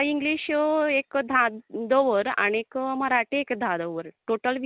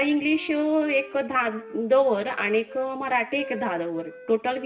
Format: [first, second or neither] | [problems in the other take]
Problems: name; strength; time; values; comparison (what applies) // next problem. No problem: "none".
first | background sound (Wind instrument, woodwind instrument); 19 dB below the speech // room echo; dies away in 0.9 s